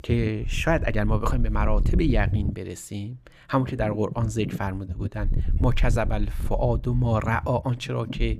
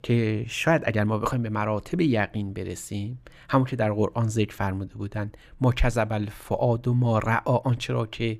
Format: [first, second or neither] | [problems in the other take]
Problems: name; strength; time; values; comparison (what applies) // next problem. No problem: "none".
second | wind noise on the microphone; occasional gusts; until 2.5 s and from 3.5 s on; 15 dB below the speech